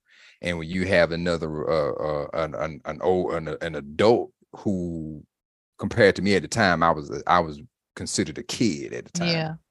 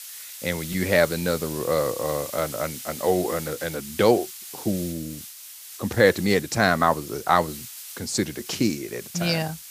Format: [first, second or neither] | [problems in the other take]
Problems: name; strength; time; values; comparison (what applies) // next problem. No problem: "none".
first | hiss; noticeable; throughout; 10 dB below the speech